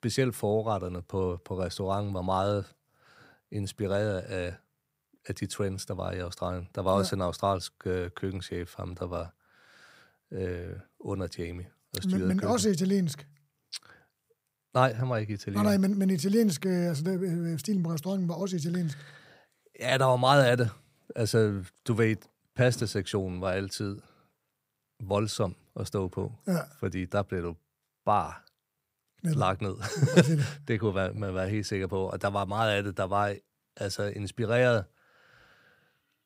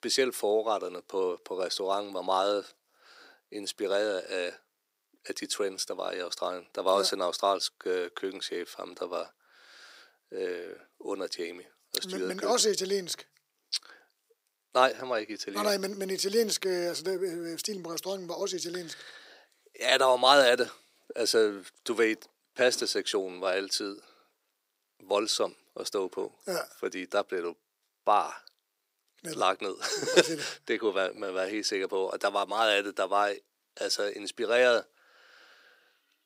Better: first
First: none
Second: thin; very; fading below 350 Hz

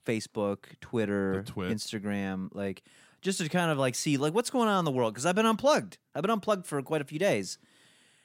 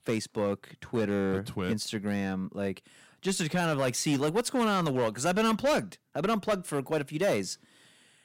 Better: first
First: none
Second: distortion; slight; 7% of the sound clipped

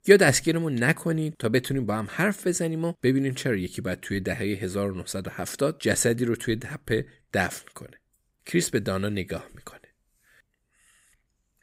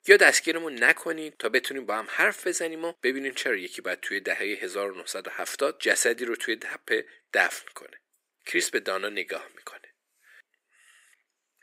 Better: first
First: none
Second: thin; very; fading below 350 Hz

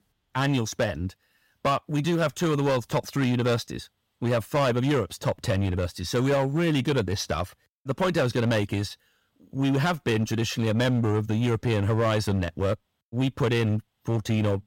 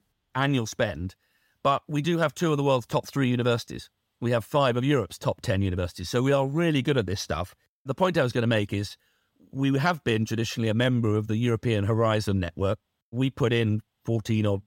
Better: second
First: distortion; slight; 10% of the sound clipped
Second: none

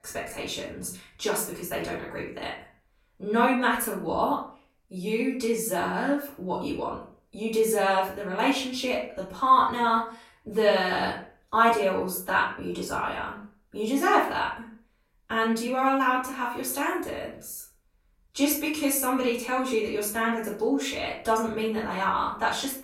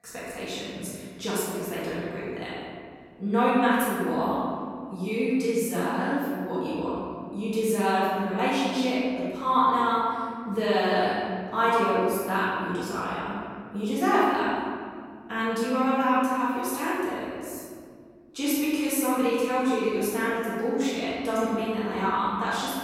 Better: first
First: room echo; slight; dies away in 0.4 s // off-mic speech; far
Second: room echo; strong; dies away in 2.3 s // off-mic speech; far

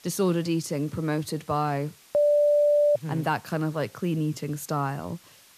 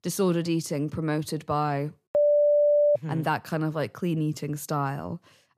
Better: second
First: hiss; faint; throughout; 25 dB below the speech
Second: none

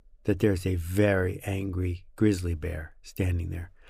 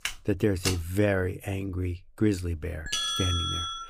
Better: first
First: none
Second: footsteps; noticeable; at the start; peak 3 dB below the speech // doorbell; loud; from 3 s on; peak 3 dB above the speech

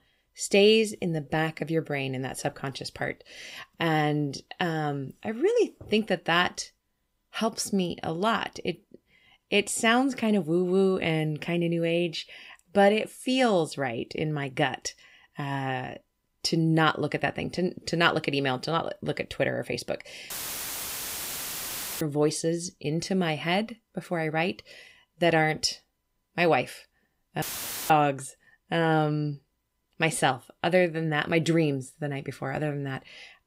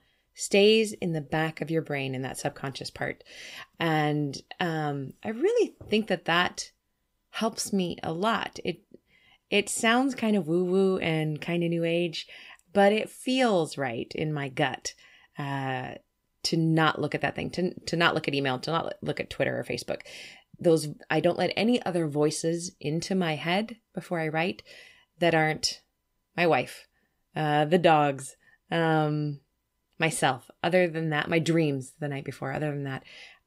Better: second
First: audio cutting out; filled with static; at 20 s for 1.5 s and at 27 s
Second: none

